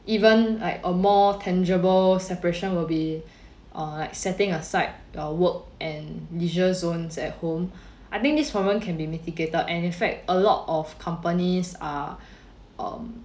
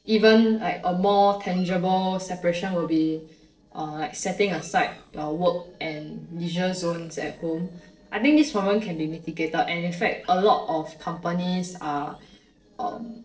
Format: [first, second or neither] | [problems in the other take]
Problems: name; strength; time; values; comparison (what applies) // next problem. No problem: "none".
first | noise reduction (neural separator model SepFormer DNS4)